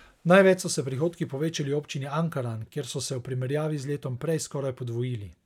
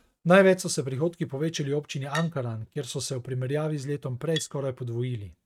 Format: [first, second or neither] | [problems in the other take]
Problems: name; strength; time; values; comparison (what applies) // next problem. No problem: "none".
first | noise reduction (neural mask model RNNoise)